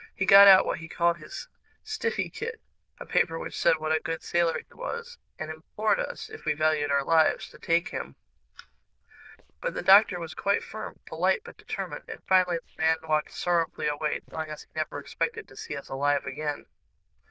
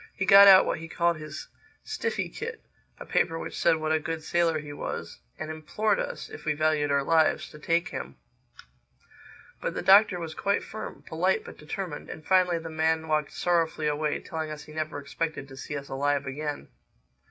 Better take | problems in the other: second | noise reduction (neural diffusion model UNIVERSE++)

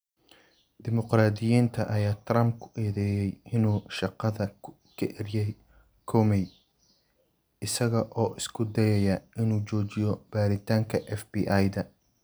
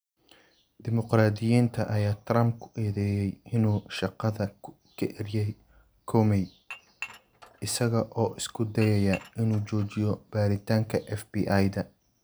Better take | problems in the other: first | background sound (Dishes, pots, and pans / Chink, clink); 19 dB below the speech

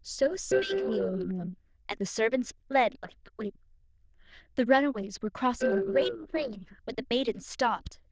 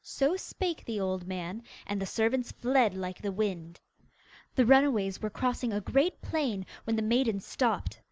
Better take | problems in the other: second | noise reduction (neural diffusion model UNIVERSE++)

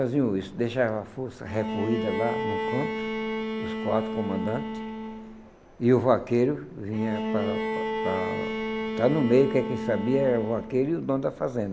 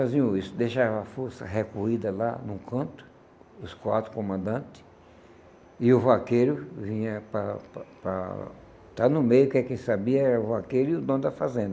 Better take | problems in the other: second | background sound (Bowed string instrument); 5 dB below the speech

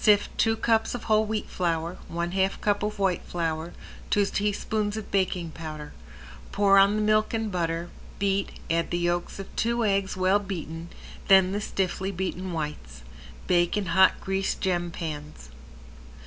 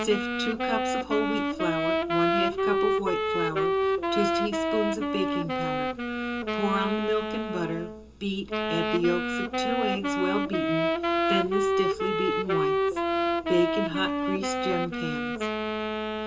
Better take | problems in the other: first | background sound (Wind instrument, woodwind instrument); 4 dB above the speech // room echo; dies away in 0.2 s

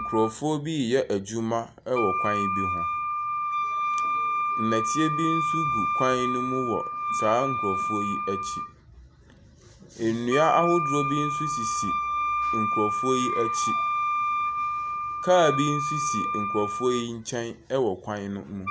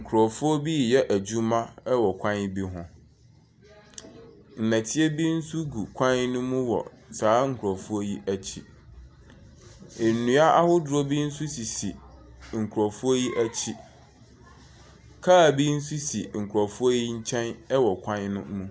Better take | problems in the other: second | background sound (Wind instrument, woodwind instrument); as loud as the speech

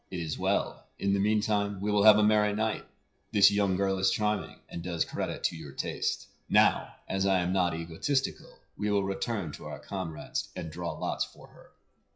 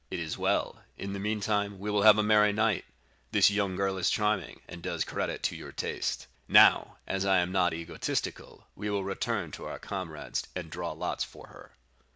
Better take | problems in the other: second | noise reduction (classical method WPE with log-MMSE)

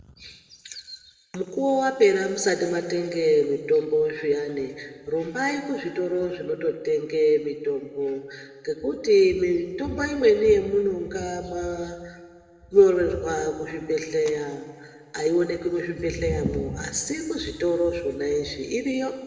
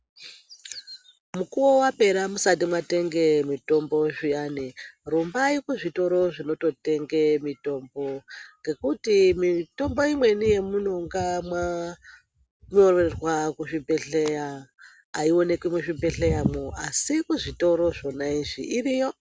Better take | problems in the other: second | room echo; dies away in 2 s

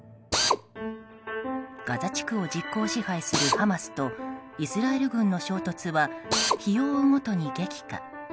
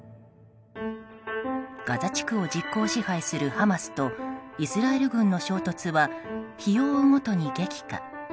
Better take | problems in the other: second | background sound (Drill); 6 dB below the speech

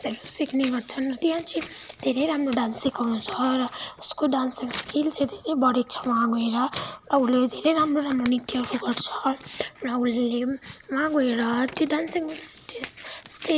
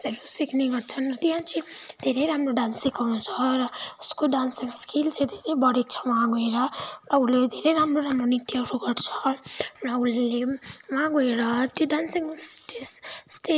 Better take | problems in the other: second | background sound (Tearing); 19 dB below the speech

